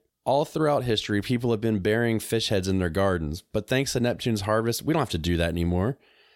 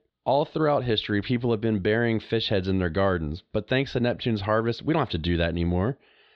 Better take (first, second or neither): first